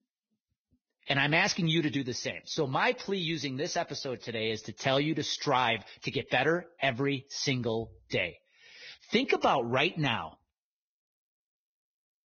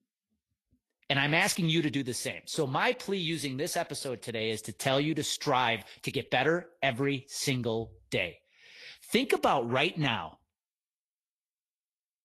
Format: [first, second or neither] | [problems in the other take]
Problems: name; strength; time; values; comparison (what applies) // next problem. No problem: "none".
second | garbled, watery; badly; nothing above 6.5 kHz; slightly in the second